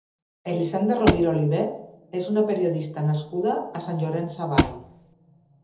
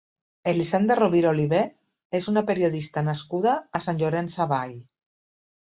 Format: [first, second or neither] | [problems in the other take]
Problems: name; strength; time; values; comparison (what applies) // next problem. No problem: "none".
second | background sound (Thump, thud); 1 dB above the speech // room echo; dies away in 0.9 s